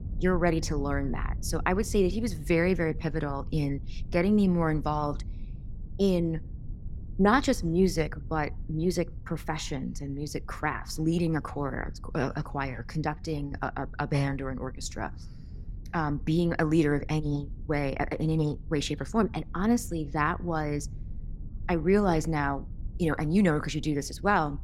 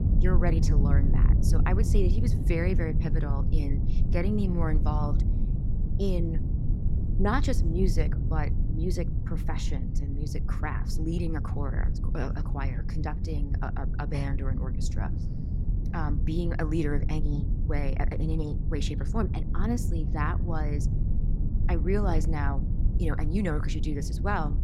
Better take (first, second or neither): first